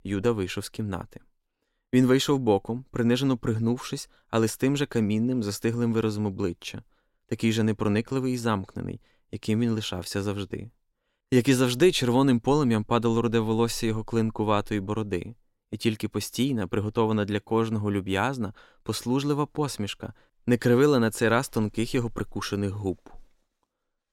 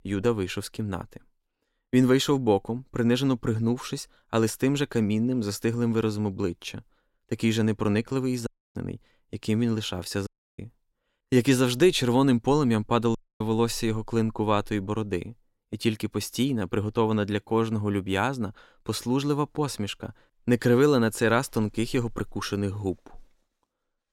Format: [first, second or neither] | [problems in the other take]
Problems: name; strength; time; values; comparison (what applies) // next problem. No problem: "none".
first | audio cutting out; at 8.5 s, at 10 s and at 13 s